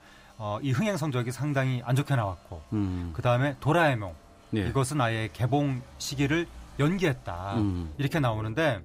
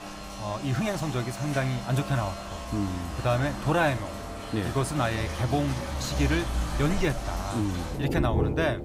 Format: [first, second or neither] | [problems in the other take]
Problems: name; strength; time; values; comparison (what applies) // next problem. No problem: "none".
first | rain or running water; loud; throughout; 4 dB below the speech; faint in the first